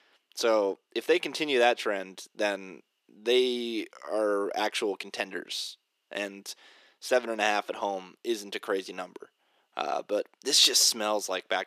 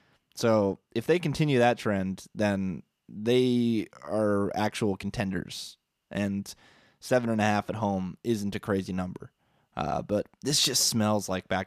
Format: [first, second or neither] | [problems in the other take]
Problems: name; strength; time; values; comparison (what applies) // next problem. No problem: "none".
second | thin; somewhat; fading below 350 Hz